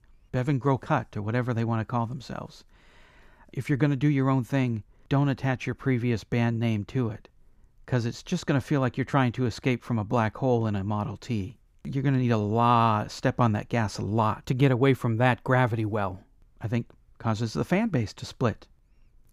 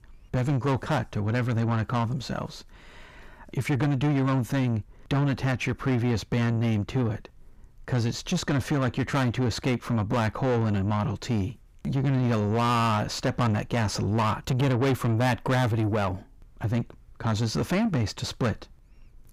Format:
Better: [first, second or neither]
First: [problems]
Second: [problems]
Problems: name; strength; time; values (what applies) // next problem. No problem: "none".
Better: first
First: none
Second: distortion; heavy; 7 dB below the speech